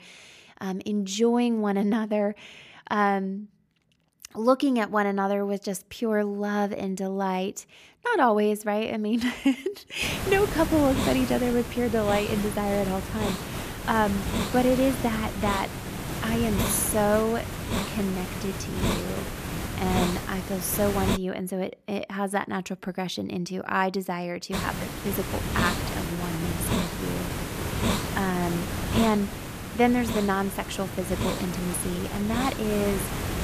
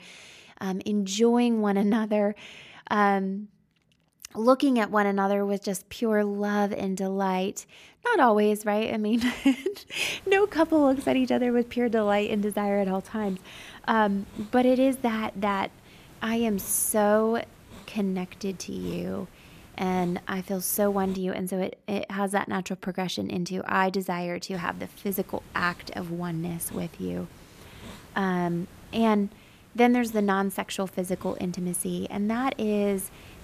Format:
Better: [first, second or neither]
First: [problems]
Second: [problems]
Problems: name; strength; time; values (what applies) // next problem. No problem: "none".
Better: second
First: hiss; loud; from 10 to 21 s and from 25 s on; 4 dB below the speech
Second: hiss; faint; from 10 to 21 s and from 25 s on; 25 dB below the speech